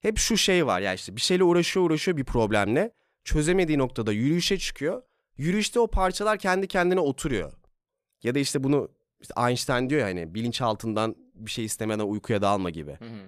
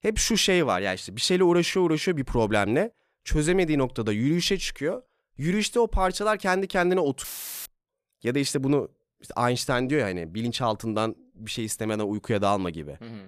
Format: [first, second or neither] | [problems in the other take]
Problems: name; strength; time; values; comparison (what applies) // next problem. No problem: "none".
first | audio cutting out; filled with static; at 7 s